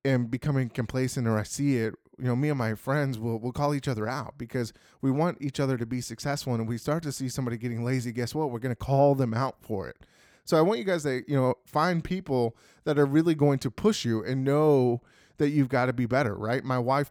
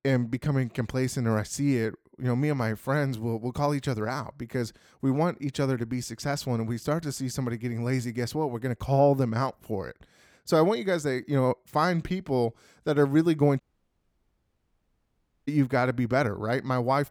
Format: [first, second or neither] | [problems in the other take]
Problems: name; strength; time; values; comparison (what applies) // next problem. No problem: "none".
first | audio cutting out; at 14 s for 2 s